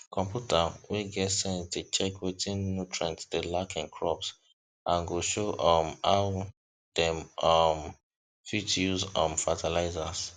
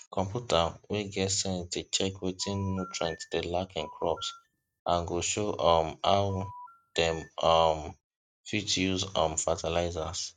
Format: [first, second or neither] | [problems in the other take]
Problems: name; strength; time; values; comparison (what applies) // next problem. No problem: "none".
first | noise reduction (neural mask model RNNoise)